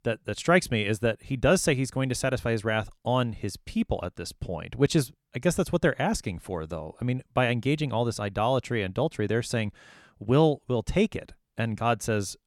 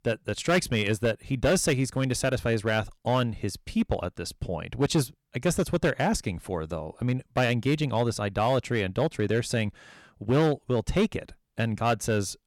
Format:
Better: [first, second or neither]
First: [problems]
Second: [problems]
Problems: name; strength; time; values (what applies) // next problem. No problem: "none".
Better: first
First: none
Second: distortion; slight; 4% of the sound clipped